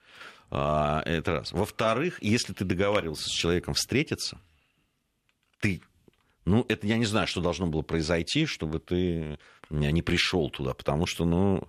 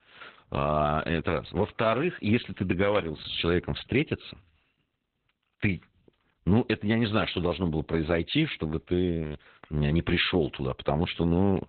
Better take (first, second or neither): first